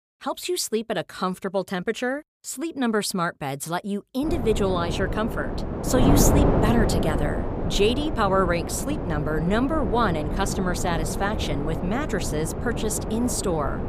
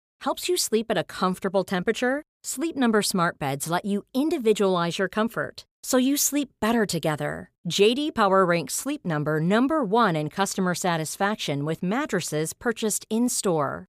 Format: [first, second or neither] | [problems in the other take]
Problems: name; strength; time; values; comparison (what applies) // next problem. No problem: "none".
second | wind noise on the microphone; heavy; from 4 s on; 4 dB below the speech